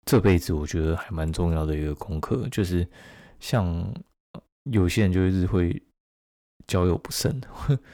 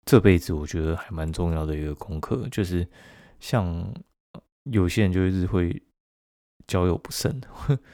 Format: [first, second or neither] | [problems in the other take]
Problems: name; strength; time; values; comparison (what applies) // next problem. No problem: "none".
second | distortion; slight; 10 dB below the speech